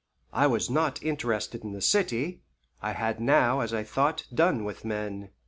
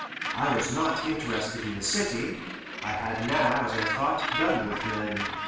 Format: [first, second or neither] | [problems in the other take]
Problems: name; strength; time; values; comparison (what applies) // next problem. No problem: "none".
first | background sound (Gull, seagull); 5 dB below the speech // room echo; dies away in 0.7 s